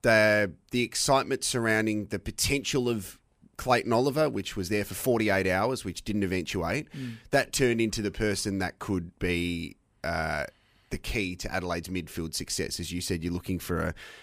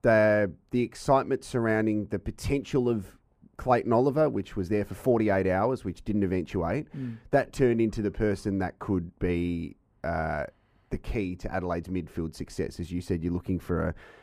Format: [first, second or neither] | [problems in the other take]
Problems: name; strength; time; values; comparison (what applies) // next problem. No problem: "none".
first | muffled; very; fading above 2 kHz